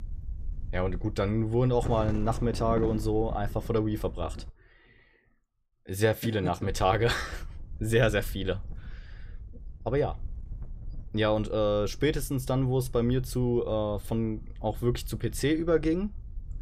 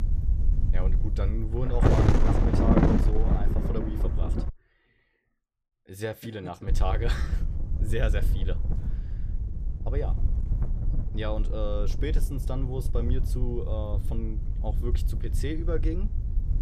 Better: first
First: wind noise on the microphone; occasional gusts; until 4.5 s and from 6.5 s on; 20 dB below the speech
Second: wind noise on the microphone; heavy; until 4.5 s and from 6.5 s on; as loud as the speech

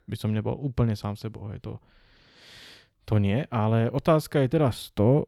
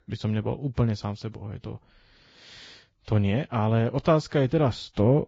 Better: first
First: none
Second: garbled, watery; badly

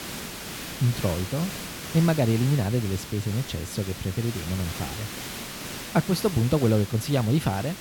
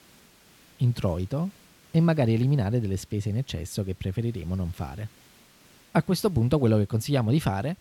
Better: second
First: hiss; loud; throughout; 9 dB below the speech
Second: hiss; faint; throughout; 30 dB below the speech

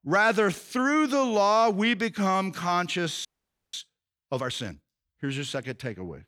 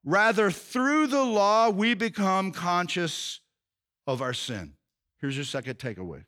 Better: second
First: audio freezing; at 3.5 s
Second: none

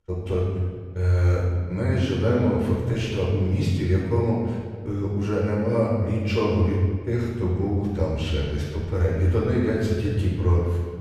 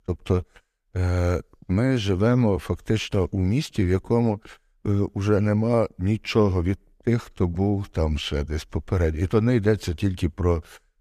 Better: second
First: room echo; strong; dies away in 1.6 s // off-mic speech; far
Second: none

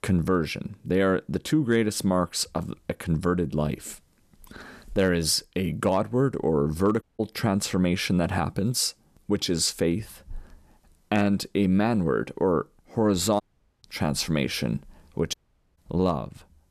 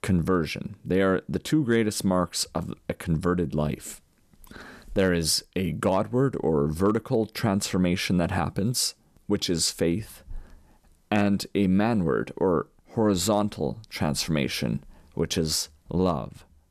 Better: second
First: audio cutting out; at 7 s, at 13 s and at 15 s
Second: none

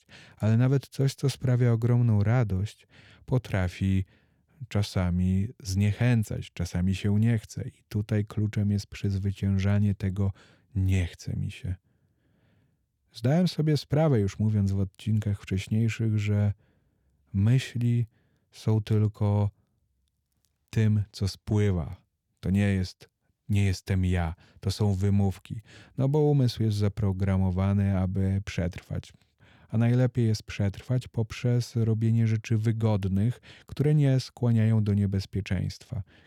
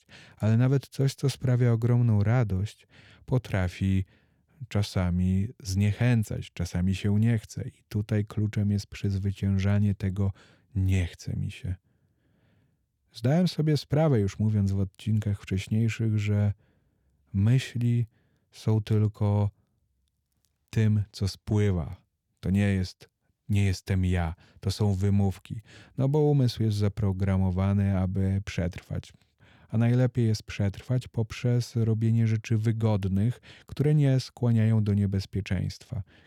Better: neither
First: none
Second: none

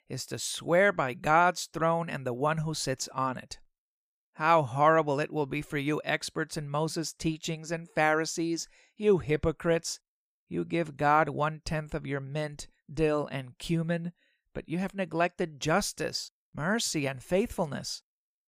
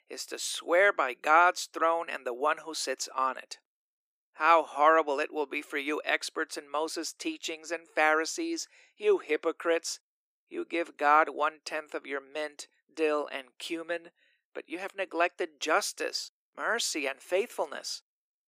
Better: first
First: none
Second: thin; very; fading below 300 Hz

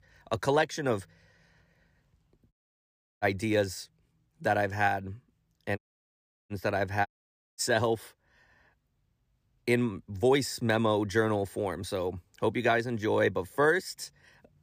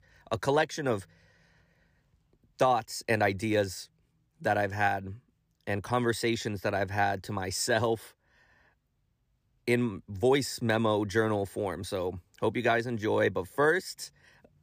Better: second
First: audio cutting out; at 2.5 s for 0.5 s, at 6 s for 0.5 s and at 7 s for 0.5 s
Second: none

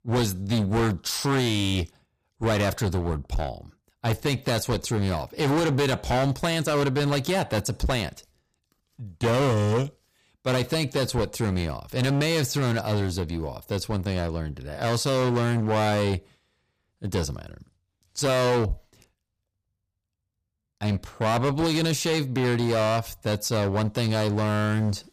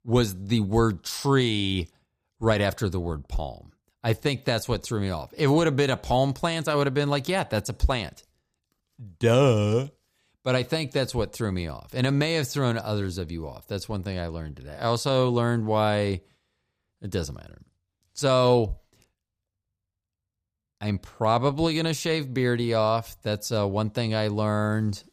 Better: second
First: distortion; heavy; 17% of the sound clipped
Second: none

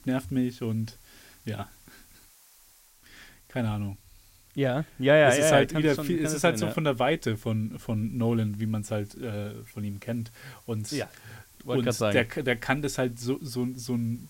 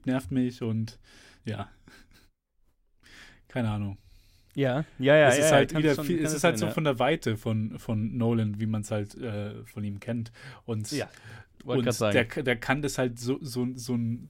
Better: second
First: hiss; faint; throughout; 30 dB below the speech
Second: none

